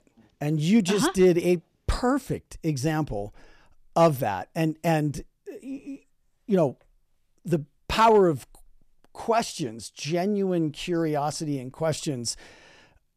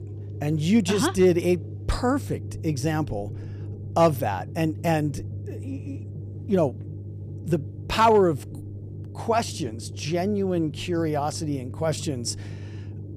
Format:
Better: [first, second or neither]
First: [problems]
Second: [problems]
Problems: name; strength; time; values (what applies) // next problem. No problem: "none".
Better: first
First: none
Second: low rumble; faint; throughout; 20 dB below the speech